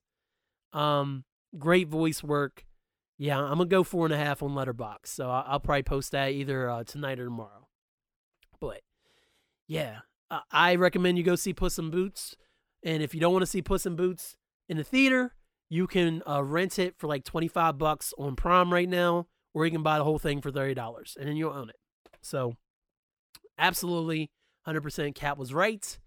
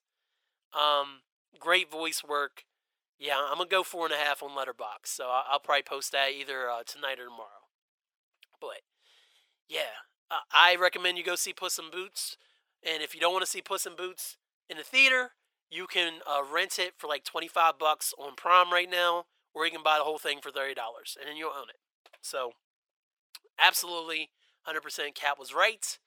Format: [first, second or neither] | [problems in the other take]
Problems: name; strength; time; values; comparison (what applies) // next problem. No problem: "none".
first | thin; very; fading below 600 Hz